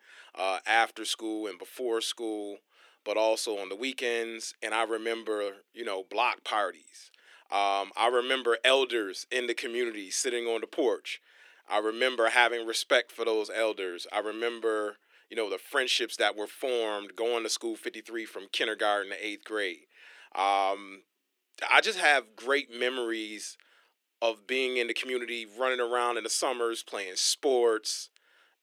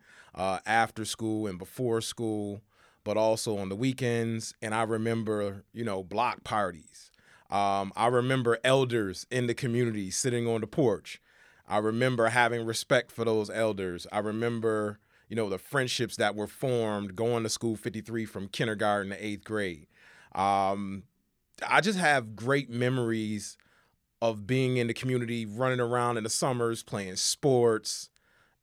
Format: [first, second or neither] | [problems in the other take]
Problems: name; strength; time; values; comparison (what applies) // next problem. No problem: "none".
second | thin; very; fading below 300 Hz